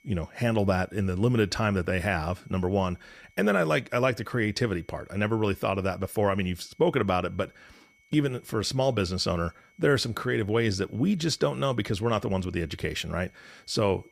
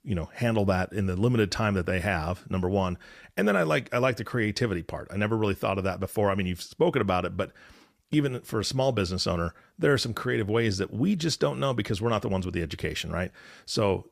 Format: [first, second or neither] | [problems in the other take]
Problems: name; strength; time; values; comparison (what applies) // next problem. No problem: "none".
second | high-pitched whine; faint; throughout; 2 kHz, 35 dB below the speech